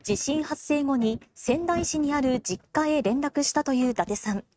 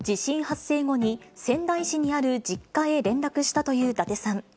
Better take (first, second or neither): second